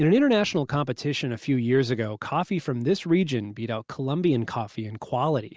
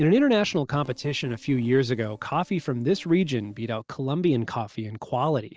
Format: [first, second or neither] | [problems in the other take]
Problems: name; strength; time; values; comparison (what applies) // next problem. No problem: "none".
first | noise reduction (neural separator model SepFormer DNS4)